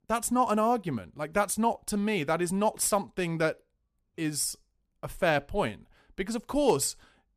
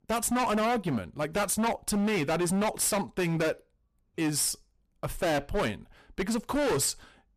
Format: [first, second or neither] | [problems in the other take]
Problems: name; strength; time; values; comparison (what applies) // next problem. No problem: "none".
first | distortion; heavy; 20% of the sound clipped